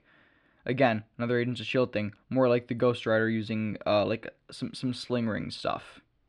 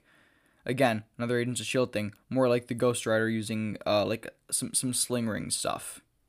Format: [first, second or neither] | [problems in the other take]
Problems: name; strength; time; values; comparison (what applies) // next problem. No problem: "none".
second | muffled; very slightly; fading above 4 kHz